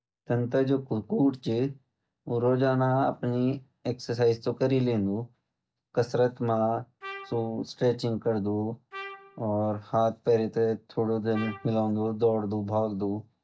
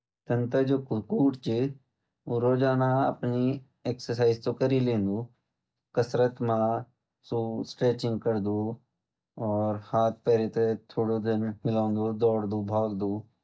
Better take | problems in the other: second | background sound (Trumpet); 17 dB below the speech

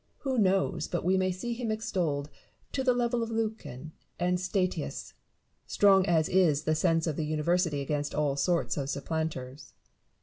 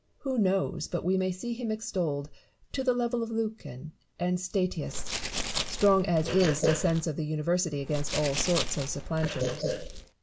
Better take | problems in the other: first | noise reduction (neural mask model Resemble Enhance denoiser)

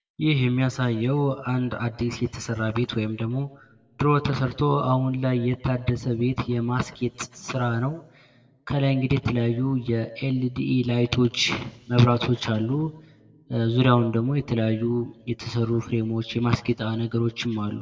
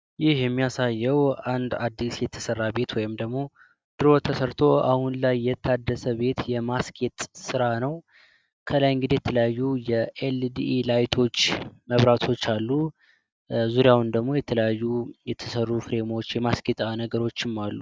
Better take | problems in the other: second | room echo; dies away in 0.8 s

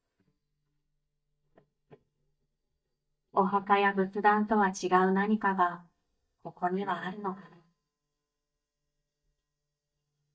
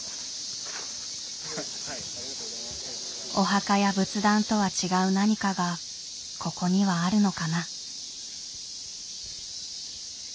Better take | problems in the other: second | noise reduction (neural mask model DeepFilterNet 3)

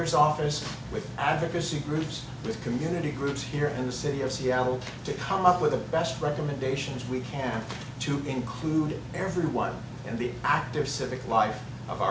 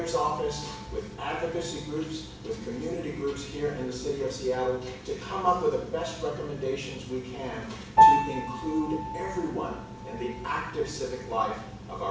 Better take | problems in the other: first | background sound (Piano); as loud as the speech // room echo; dies away in 0.7 s

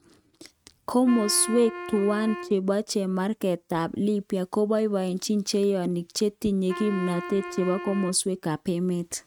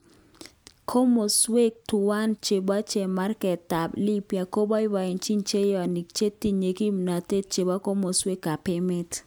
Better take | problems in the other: second | noise reduction (neural mask model RNNoise)

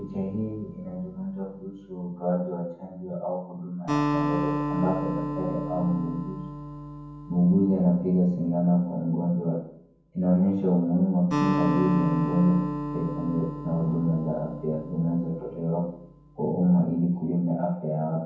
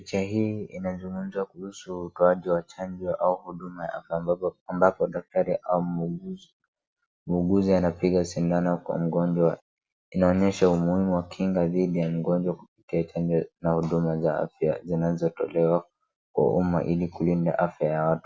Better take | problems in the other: second | background sound (Acoustic guitar); 7 dB below the speech // room echo; dies away in 0.9 s

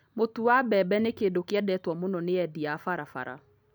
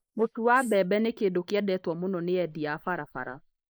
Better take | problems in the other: first | noise reduction (neural mask model Resemble Enhance denoiser)

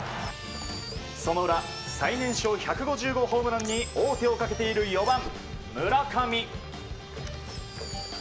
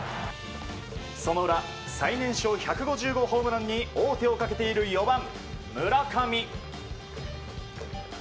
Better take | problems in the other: second | background sound (Car + Engine); 15 dB below the speech

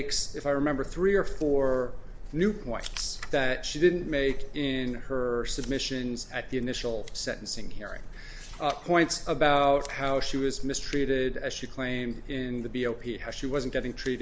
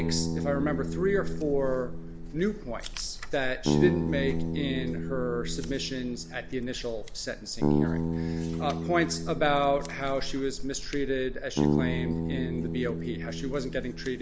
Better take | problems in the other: first | background sound (Bass guitar); 2 dB below the speech

